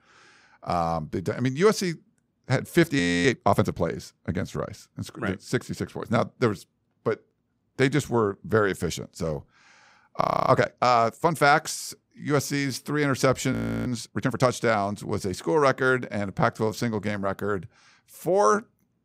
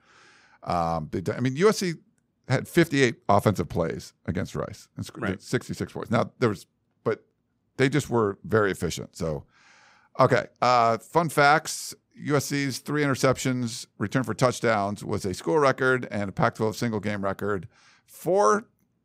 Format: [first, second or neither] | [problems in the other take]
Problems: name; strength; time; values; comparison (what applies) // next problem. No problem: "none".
second | audio freezing; at 3 s, at 10 s and at 14 s